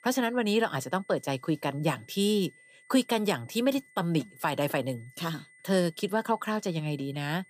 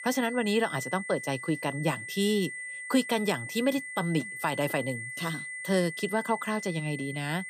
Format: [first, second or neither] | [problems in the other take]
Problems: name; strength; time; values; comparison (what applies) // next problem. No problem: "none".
first | high-pitched whine; loud; throughout; 2 kHz, 7 dB below the speech; faint in the first